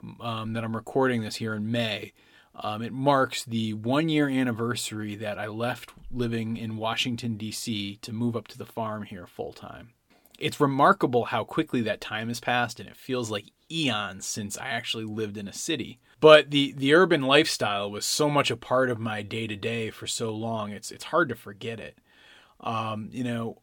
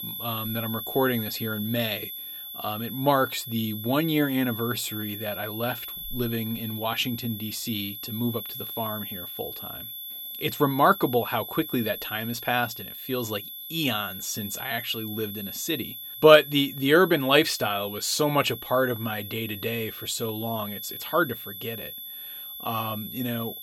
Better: first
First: none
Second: high-pitched whine; loud; throughout; 11.5 kHz, 9 dB below the speech

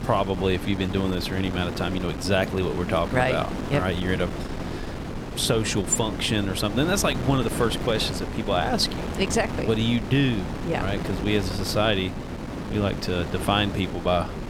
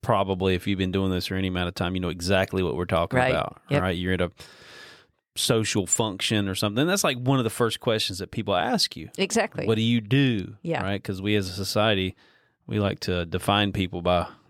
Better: second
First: wind noise on the microphone; heavy; 9 dB below the speech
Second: none

